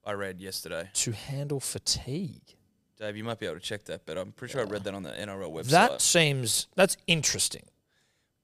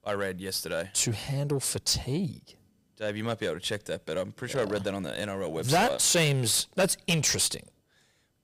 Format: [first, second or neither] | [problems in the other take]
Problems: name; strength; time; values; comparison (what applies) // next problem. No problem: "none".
first | distortion; heavy; 7 dB below the speech